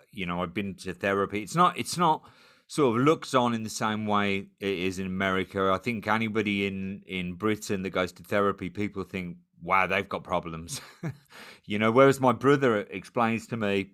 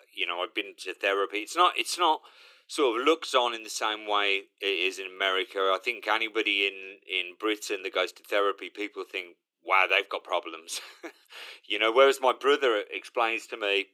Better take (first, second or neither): first